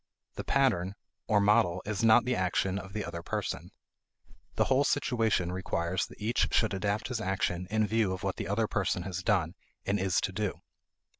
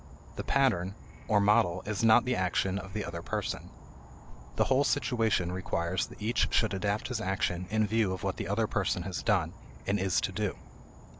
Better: first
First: none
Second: background sound (Insect / Frog); 18 dB below the speech

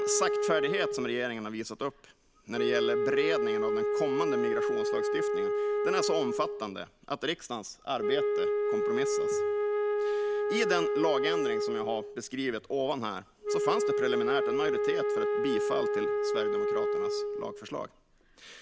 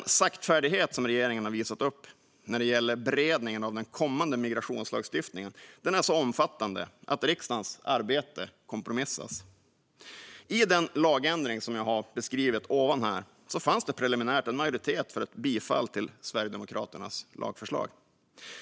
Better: second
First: background sound (Wind instrument, woodwind instrument); 4 dB above the speech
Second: none

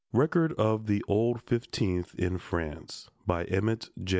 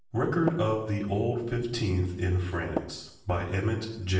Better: first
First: none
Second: background sound (Tap); 7 dB below the speech // room echo; dies away in 0.7 s

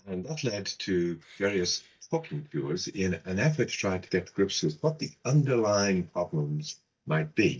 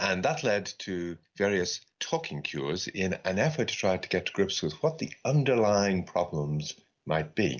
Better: second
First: noise reduction (neural mask model DeepFilterNet 3)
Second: none

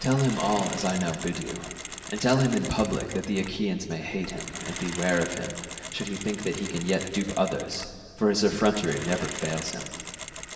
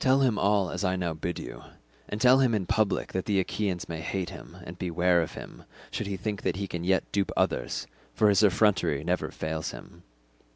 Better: second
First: background sound (Mechanisms); 11 dB below the speech // room echo; dies away in 2.1 s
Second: none

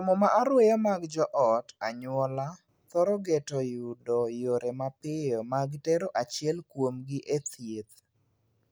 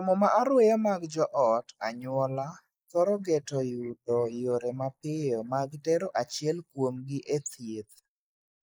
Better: first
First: none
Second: noise reduction (neural mask model Resemble Enhance denoiser)

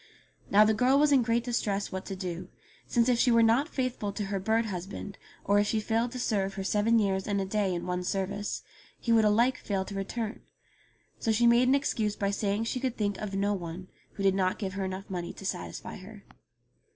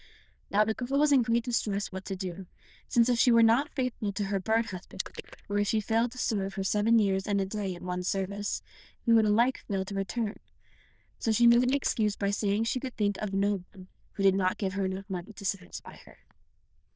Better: first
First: none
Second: noise reduction (neural diffusion model UNIVERSE++)

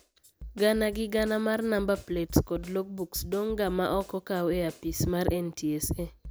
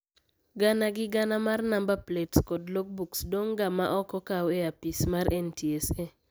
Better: second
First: background sound (Snare drum); 16 dB below the speech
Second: none

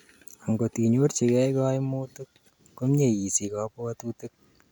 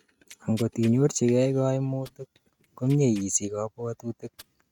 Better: first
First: none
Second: noise reduction (neural mask model RNNoise)

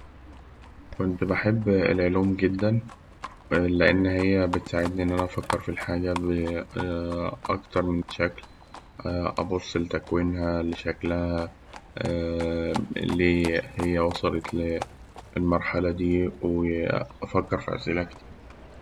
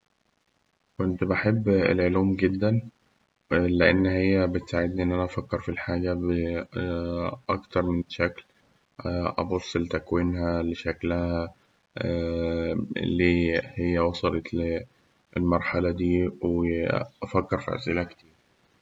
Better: second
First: background sound (Livestock, farm animals, working animals); 15 dB below the speech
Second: none

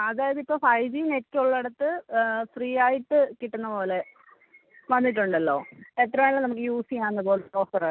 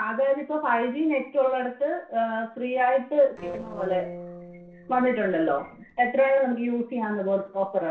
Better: first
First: none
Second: noise reduction (neural separator model SepFormer DNS4)

